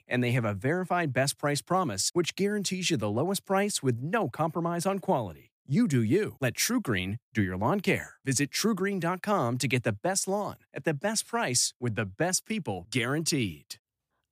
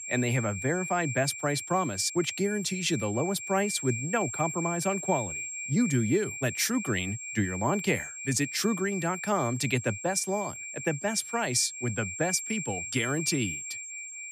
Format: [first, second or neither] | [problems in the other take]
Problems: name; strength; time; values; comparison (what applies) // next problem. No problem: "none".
first | high-pitched whine; loud; throughout; 2.5 kHz, 7 dB below the speech